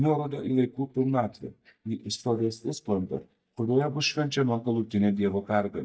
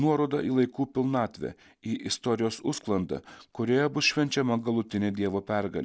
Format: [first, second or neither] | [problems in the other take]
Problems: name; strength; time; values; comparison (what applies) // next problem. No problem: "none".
second | noise reduction (neural mask model DeepFilterNet 3)